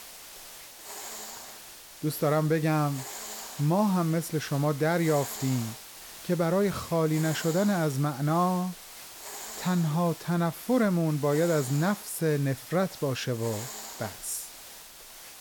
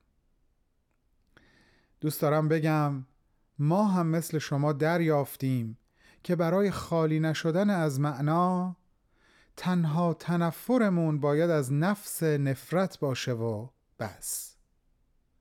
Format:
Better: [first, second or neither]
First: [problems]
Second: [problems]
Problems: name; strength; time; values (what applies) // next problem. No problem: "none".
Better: second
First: hiss; noticeable; throughout; 15 dB below the speech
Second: none